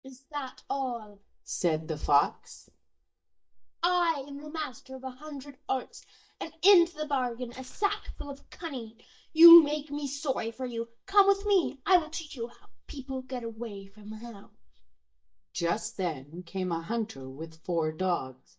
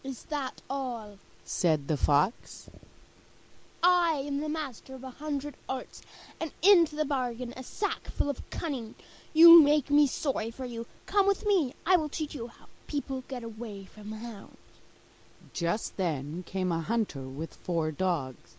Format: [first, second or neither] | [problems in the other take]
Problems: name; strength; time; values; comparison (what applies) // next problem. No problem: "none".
second | noise reduction (neural mask model DeepFilterNet 3)